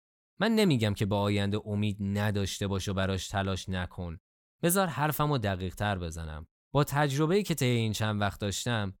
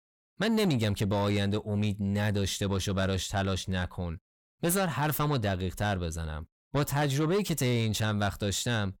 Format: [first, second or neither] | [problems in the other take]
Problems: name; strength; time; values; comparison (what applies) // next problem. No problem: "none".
first | distortion; slight; 10 dB below the speech